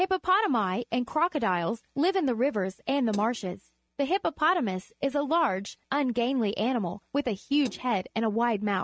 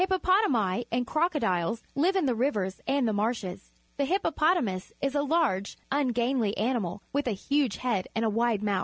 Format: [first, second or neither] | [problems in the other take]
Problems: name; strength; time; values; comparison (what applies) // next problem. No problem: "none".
second | noise reduction (neural mask model RNNoise)